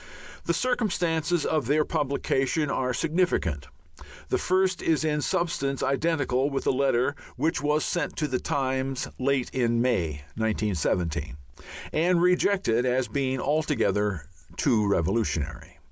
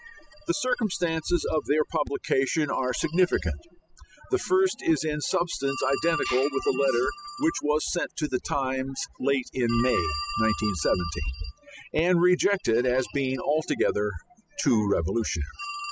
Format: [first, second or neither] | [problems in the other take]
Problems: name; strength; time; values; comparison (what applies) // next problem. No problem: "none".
first | noise reduction (classical method spectral subtraction)